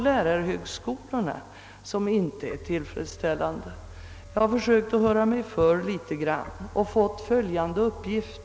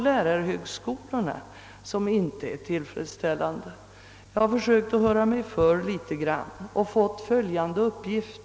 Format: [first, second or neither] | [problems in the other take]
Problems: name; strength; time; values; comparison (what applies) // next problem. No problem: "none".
second | background sound (Keyboard (musical)); 19 dB below the speech